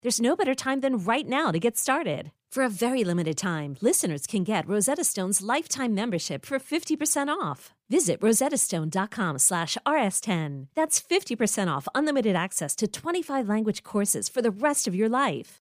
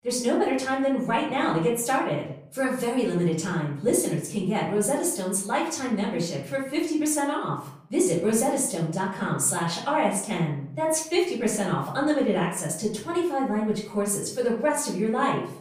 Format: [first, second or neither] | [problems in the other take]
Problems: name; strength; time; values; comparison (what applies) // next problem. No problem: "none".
first | off-mic speech; far // room echo; noticeable; dies away in 0.5 s